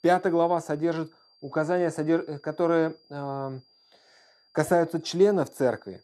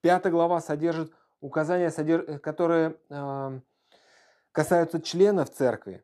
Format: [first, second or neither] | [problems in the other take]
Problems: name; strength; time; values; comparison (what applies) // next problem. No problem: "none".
second | high-pitched whine; faint; throughout; 5 kHz, 35 dB below the speech